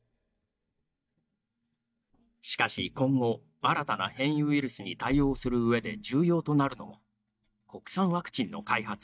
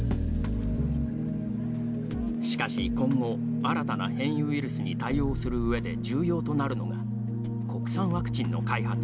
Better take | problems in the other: second | noise reduction (neural mask model DeepFilterNet 3)

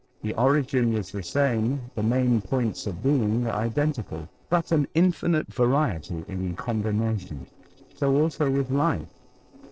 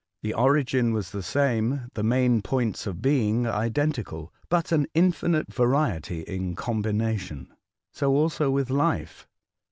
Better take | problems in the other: second | noise reduction (neural separator model SepFormer DNS4)

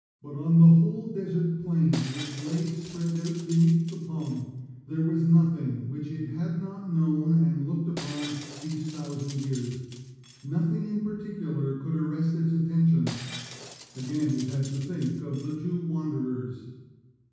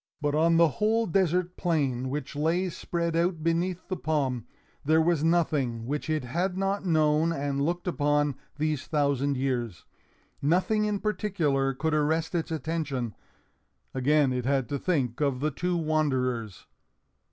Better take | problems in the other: second | background sound (Shatter); 19 dB below the speech // room echo; dies away in 1.2 s

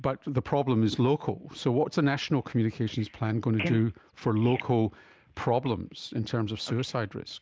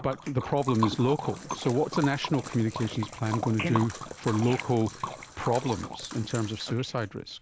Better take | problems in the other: first | background sound (Liquid); 10 dB below the speech

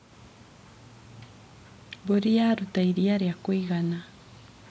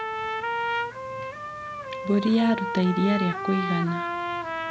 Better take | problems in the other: first | background sound (Trumpet); 4 dB below the speech

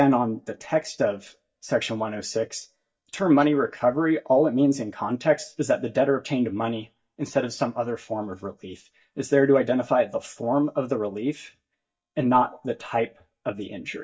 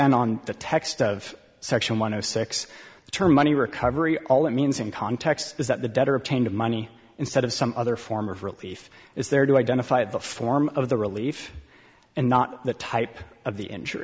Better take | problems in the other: second | noise reduction (neural mask model DeepFilterNet 3)

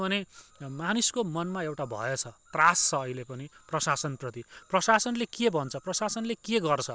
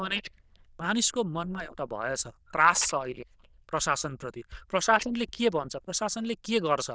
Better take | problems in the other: first | noise reduction (neural diffusion model UNIVERSE++)

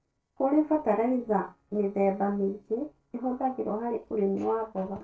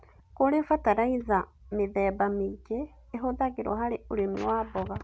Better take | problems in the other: second | noise reduction (neural separator model SepFormer DNS4)

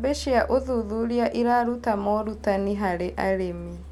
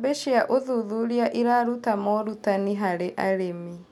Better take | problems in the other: second | background sound (Truck); 16 dB below the speech

